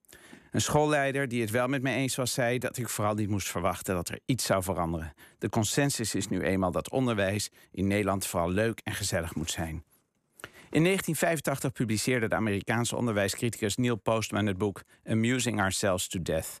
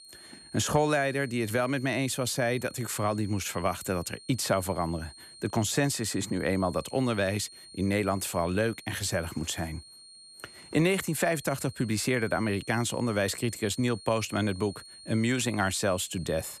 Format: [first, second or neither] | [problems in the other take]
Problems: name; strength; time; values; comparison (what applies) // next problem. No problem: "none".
first | high-pitched whine; noticeable; throughout; 4.5 kHz, 20 dB below the speech